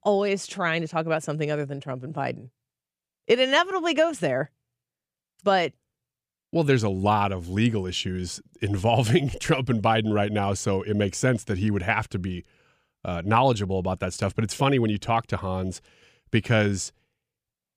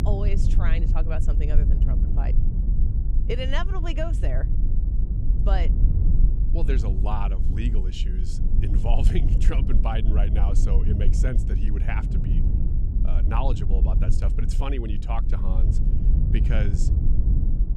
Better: first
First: none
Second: low rumble; loud; throughout; 6 dB below the speech

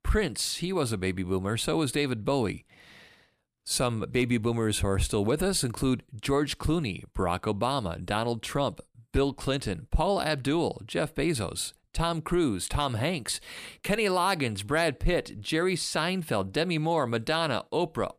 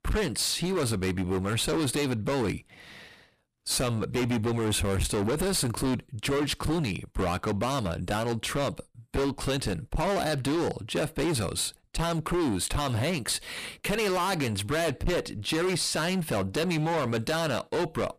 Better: first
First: none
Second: distortion; heavy; 23% of the sound clipped

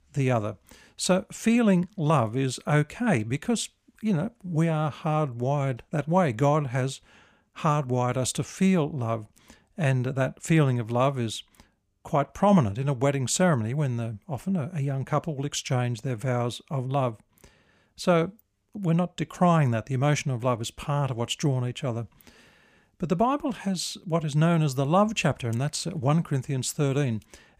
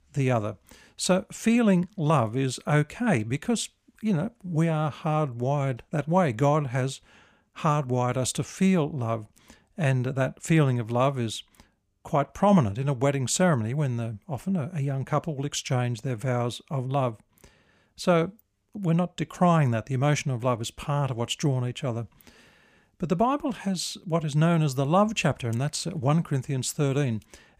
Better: neither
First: none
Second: none

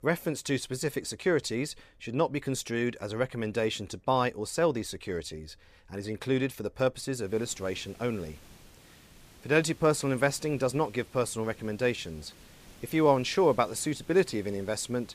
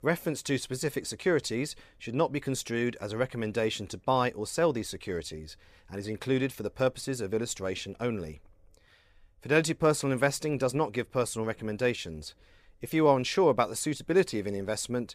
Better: second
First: hiss; faint; from 7.5 s on; 25 dB below the speech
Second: none

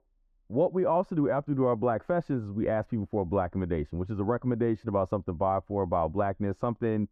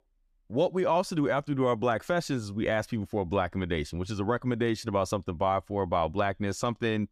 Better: second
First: muffled; very; fading above 2.5 kHz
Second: none

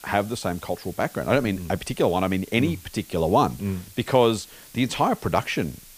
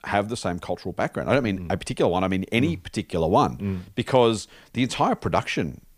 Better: second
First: hiss; faint; throughout; 20 dB below the speech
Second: none

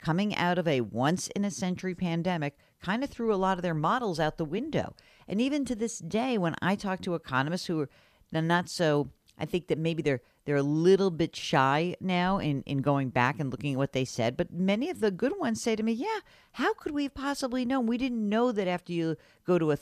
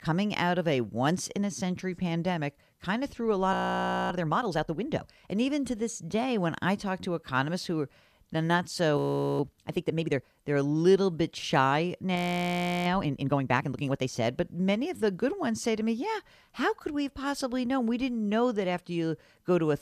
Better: first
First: none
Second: audio freezing; at 3.5 s for 0.5 s, at 9 s and at 12 s for 0.5 s

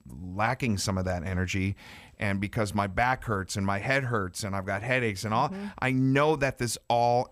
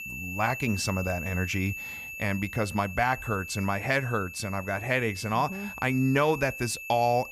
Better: first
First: none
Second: high-pitched whine; loud; throughout; 2.5 kHz, 9 dB below the speech

